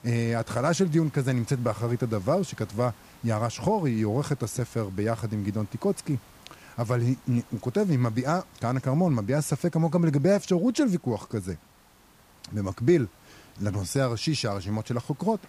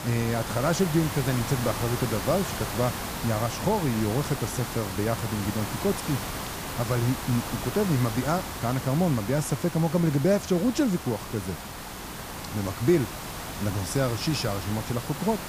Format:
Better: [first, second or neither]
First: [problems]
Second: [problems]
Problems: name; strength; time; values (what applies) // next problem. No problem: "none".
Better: first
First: hiss; faint; throughout; 25 dB below the speech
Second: hiss; loud; throughout; 6 dB below the speech